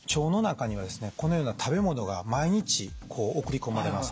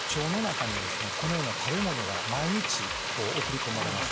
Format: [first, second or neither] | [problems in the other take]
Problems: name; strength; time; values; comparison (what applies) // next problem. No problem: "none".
first | background sound (Frying (food)); as loud as the speech